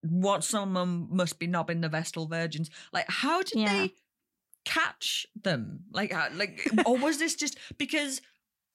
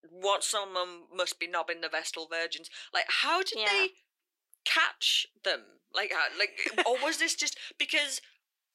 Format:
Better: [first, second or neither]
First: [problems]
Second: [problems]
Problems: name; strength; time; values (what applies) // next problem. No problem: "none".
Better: first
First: none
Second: thin; very; fading below 350 Hz